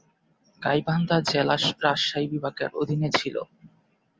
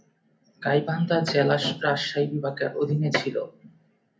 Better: first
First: none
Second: room echo; dies away in 0.3 s

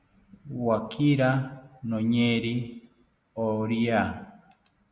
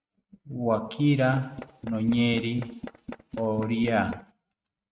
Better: first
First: none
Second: noise reduction (neural mask model RNNoise)

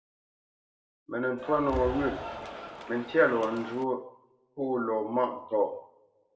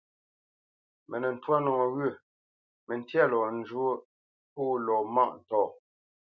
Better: second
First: background sound (Cheering); 8 dB below the speech // room echo; dies away in 0.6 s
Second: none

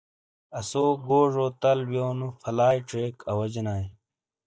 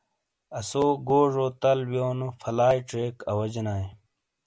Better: second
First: noise reduction (neural mask model DeepFilterNet 3)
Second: none

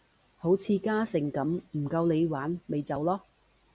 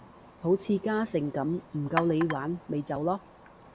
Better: first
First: none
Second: background sound (Chink, clink); 12 dB below the speech

